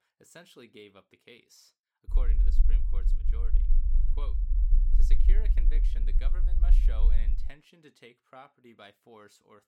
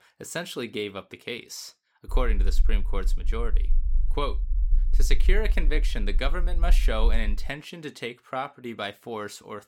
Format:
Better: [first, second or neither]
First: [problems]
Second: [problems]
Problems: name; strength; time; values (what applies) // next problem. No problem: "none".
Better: second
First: low rumble; loud; from 2 to 7.5 s; 3 dB below the speech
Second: low rumble; faint; from 2 to 7.5 s; 20 dB below the speech